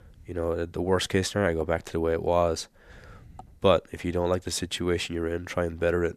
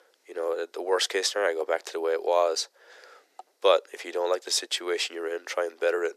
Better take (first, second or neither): first